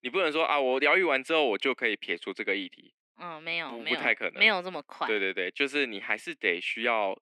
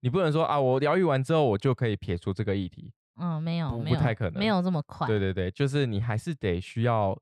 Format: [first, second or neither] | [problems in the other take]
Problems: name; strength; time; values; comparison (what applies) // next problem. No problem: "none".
second | thin; somewhat; fading below 250 Hz